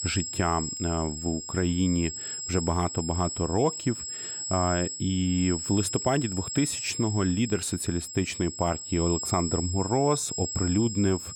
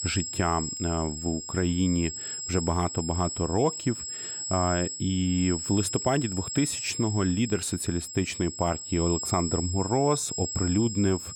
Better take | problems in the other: neither | high-pitched whine; loud; throughout; 7.5 kHz, 5 dB below the speech; the same in both

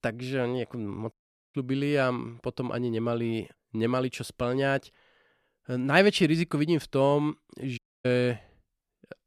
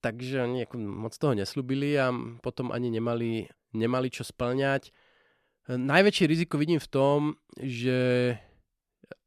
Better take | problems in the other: second | audio cutting out; at 1 s and at 8 s

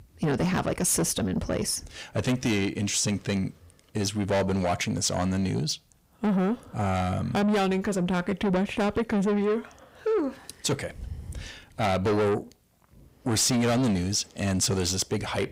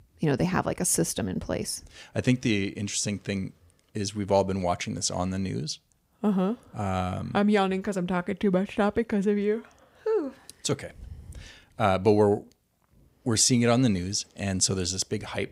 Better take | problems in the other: second | distortion; heavy; 7 dB below the speech

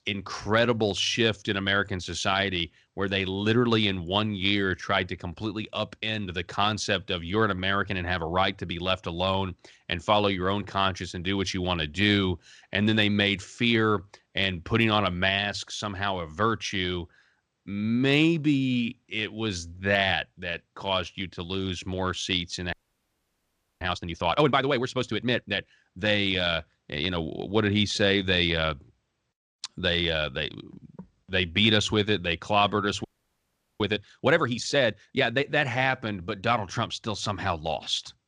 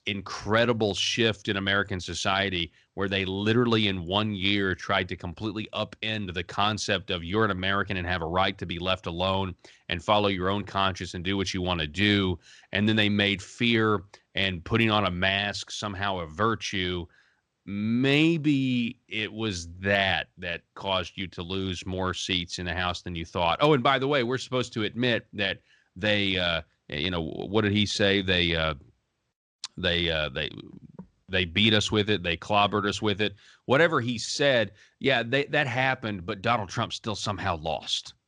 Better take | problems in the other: second | audio freezing; at 23 s for 1 s and at 33 s for 1 s

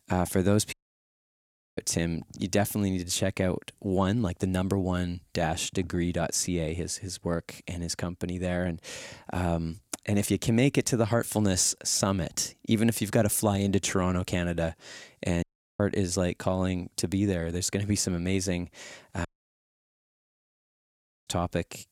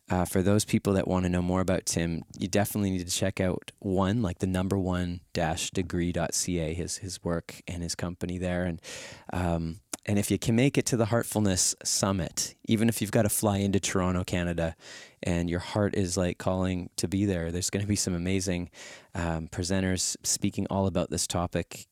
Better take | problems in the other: second | audio cutting out; at 0.5 s for 1 s, at 15 s and at 19 s for 2 s

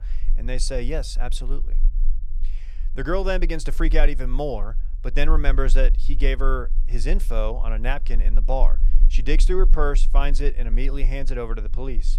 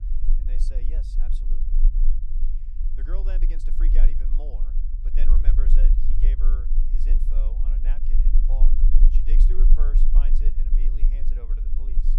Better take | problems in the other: first | low rumble; loud; throughout; 3 dB below the speech; faint in the first

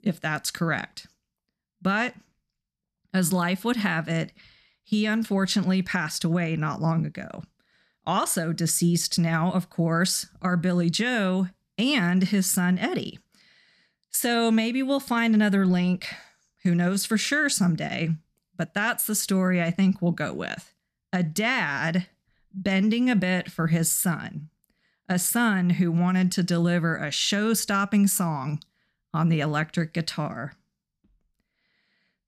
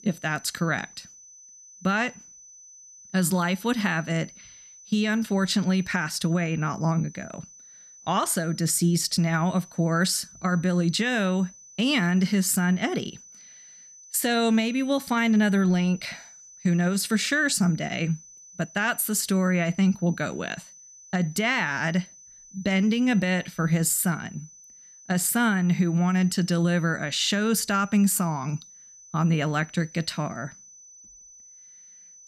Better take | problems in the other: first | high-pitched whine; faint; throughout; 6 kHz, 20 dB below the speech

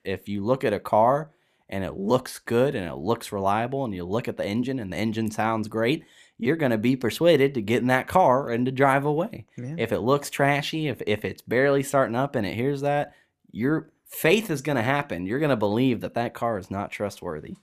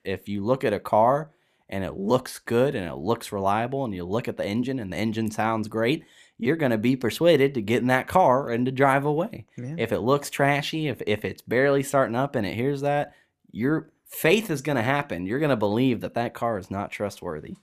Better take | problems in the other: neither | none

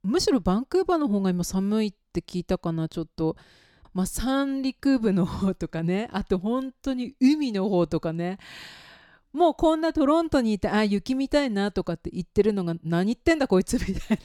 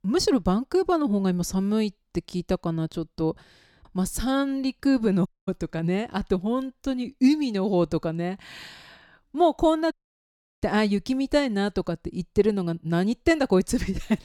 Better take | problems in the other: first | audio cutting out; at 5.5 s and at 10 s for 0.5 s

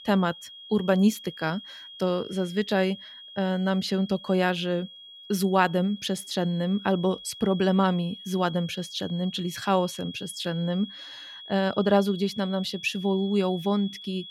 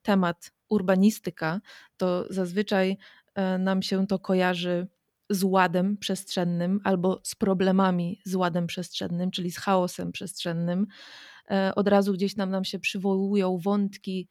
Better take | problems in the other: second | high-pitched whine; noticeable; throughout; 3.5 kHz, 15 dB below the speech

